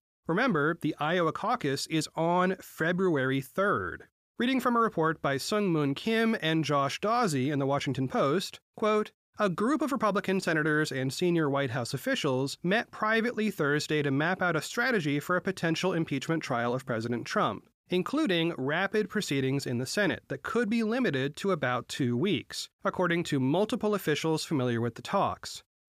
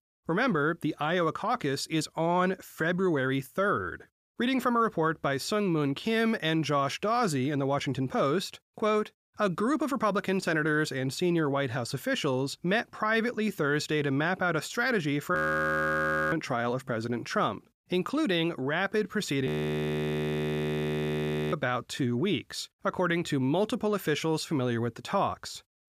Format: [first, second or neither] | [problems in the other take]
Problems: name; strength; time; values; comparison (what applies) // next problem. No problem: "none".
first | audio freezing; at 15 s for 1 s and at 19 s for 2 s